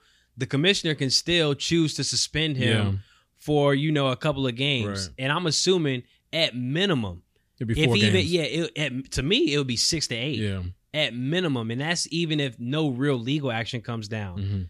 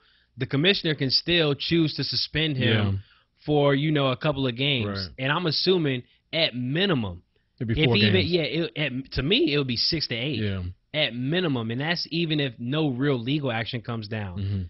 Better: first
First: none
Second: garbled, watery; badly; nothing above 5.5 kHz

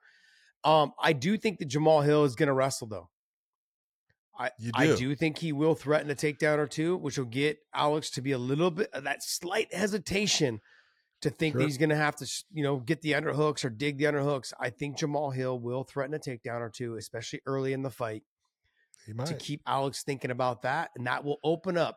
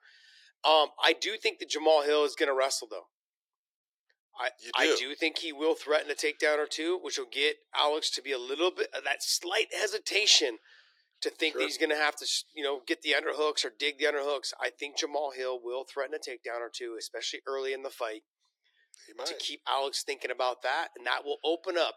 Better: first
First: none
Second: thin; very; fading below 350 Hz

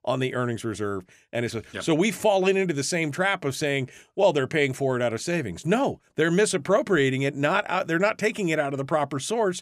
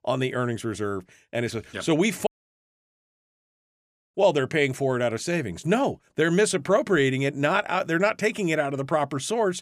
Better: first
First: none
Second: audio cutting out; at 2.5 s for 2 s

